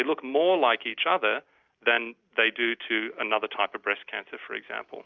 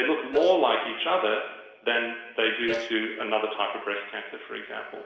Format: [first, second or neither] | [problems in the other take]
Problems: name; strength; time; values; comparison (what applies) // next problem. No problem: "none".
first | noise reduction (neural separator model SepFormer DNS4)